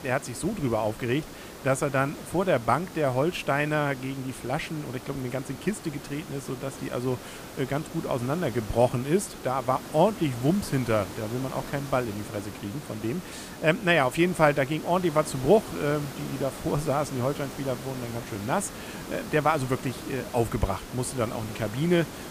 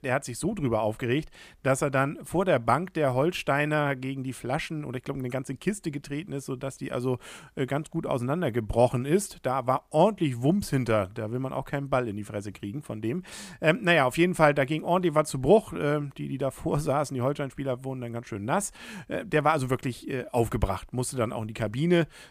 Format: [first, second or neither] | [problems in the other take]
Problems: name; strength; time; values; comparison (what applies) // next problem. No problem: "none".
second | hiss; noticeable; throughout; 10 dB below the speech